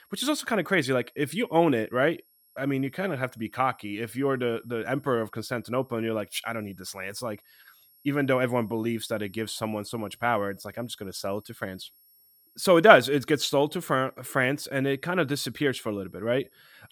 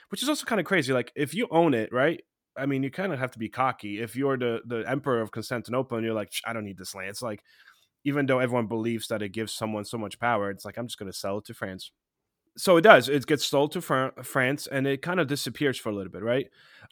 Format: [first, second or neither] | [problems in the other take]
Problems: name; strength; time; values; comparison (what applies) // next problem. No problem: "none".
second | high-pitched whine; faint; throughout; 11.5 kHz, 30 dB below the speech